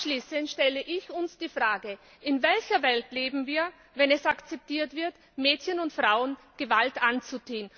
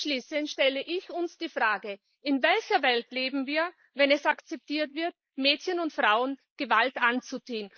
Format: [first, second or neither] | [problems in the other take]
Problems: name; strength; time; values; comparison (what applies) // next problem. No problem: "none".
first | noise reduction (neural mask model Resemble Enhance denoiser)